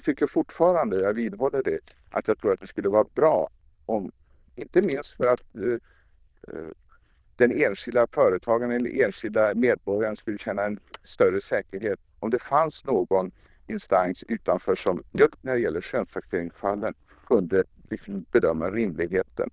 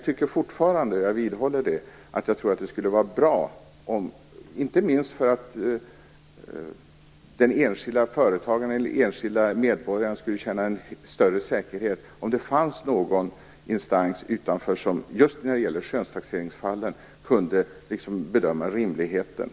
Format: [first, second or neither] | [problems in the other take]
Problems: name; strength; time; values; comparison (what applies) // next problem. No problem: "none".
second | noise reduction (neural diffusion model UNIVERSE++)